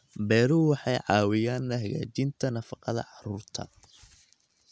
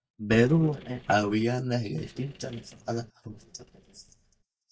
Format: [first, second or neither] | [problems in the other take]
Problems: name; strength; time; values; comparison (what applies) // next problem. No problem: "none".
first | noise reduction (neural mask model DeepFilterNet 3)